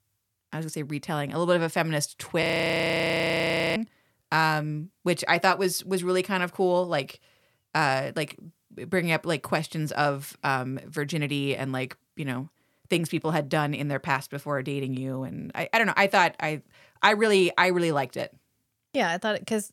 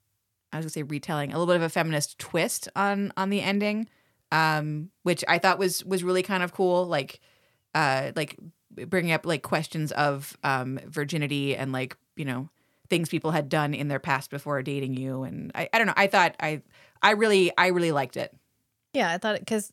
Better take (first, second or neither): second